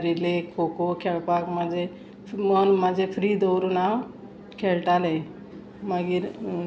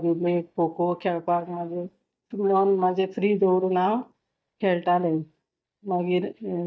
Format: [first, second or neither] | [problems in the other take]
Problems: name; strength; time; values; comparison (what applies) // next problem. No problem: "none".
first | noise reduction (neural mask model DeepFilterNet 3)